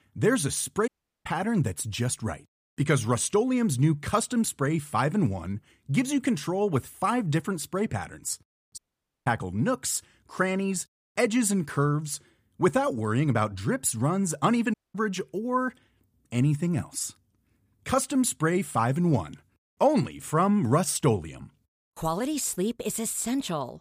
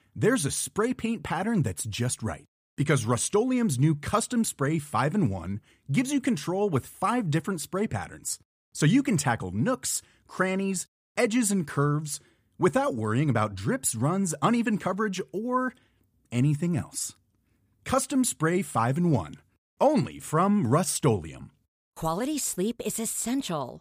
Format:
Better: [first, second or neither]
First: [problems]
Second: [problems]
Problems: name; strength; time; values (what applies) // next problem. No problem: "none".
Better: second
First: audio cutting out; at 1 s, at 9 s and at 15 s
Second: none